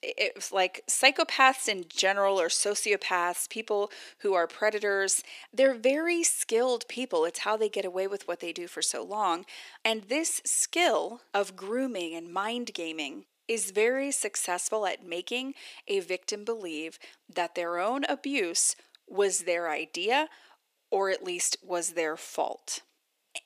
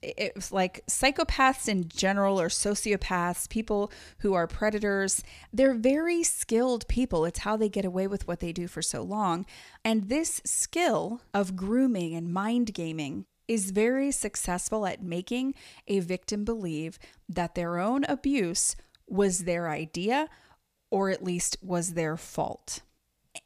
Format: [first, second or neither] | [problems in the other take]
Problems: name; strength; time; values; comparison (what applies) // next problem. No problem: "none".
second | thin; somewhat; fading below 350 Hz